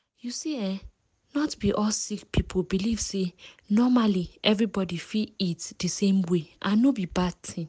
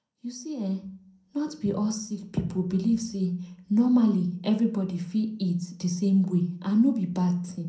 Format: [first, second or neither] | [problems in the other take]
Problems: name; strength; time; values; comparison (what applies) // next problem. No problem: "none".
first | room echo; dies away in 0.5 s